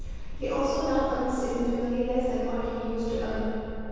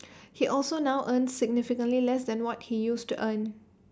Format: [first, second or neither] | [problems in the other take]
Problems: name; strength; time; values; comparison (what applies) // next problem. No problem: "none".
second | background sound (Thunderstorm); 6 dB below the speech // room echo; dies away in 2.2 s